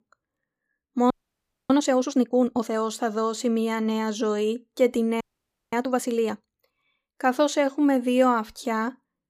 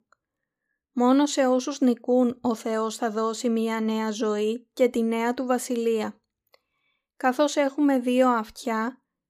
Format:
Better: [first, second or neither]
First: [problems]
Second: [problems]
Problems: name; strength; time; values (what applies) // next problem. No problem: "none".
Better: second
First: audio freezing; at 1 s for 0.5 s and at 5 s for 0.5 s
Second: none